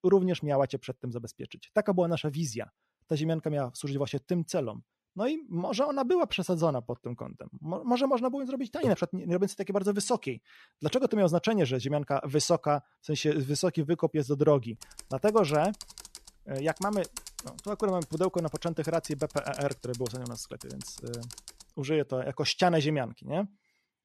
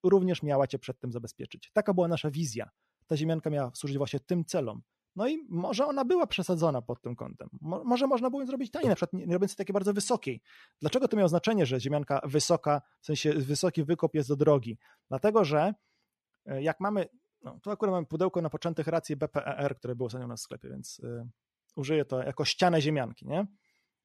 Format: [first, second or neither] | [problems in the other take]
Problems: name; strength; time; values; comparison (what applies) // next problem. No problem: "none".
second | keyboard typing; faint; from 15 to 22 s; peak 10 dB below the speech